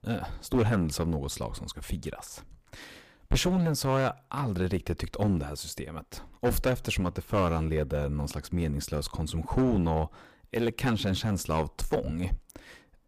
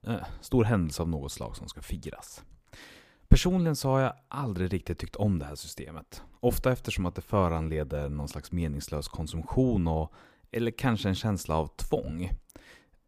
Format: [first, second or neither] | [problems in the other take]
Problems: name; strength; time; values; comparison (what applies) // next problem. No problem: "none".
second | distortion; heavy; 7% of the sound clipped